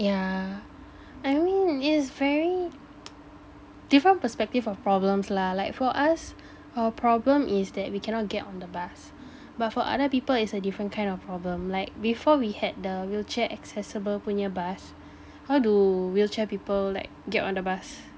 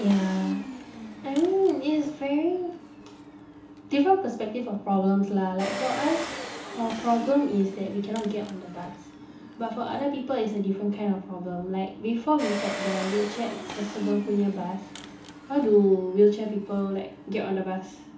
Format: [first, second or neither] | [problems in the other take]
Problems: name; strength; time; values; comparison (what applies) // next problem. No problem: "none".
first | background sound (Engine); 12 dB below the speech // room echo; dies away in 0.8 s